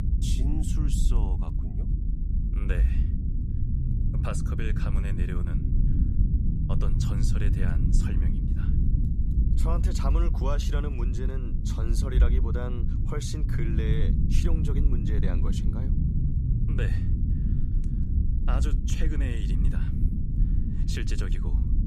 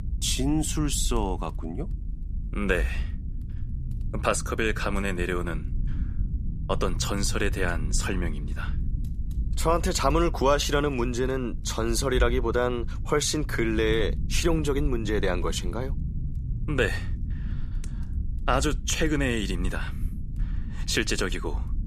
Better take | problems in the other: second | low rumble; loud; throughout; 2 dB below the speech; faint in the second

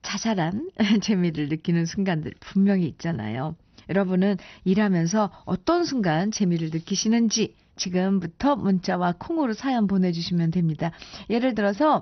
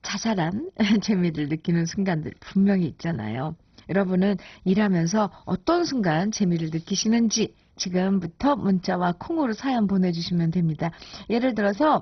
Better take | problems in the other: first | garbled, watery; badly; nothing above 6 kHz; slightly in the first

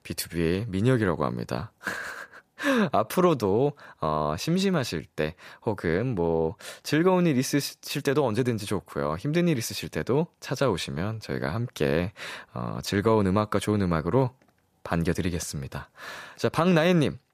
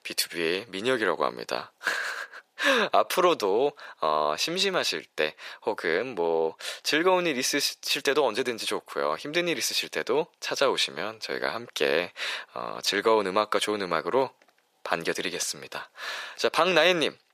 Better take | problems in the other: first | thin; somewhat; fading below 500 Hz

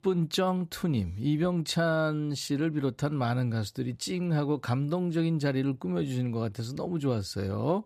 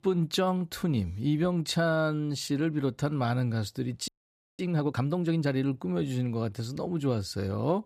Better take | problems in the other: first | audio freezing; at 4 s for 0.5 s

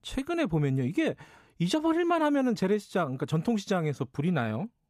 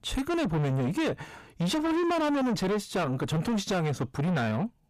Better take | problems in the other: first | distortion; heavy; 6 dB below the speech

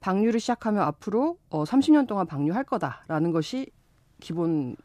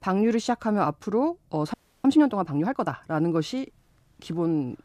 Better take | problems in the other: first | audio freezing; at 1.5 s

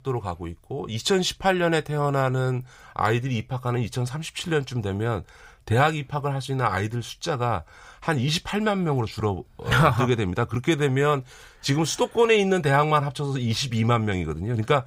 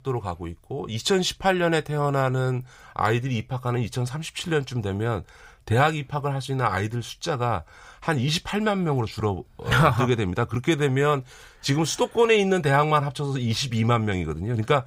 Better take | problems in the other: neither | none

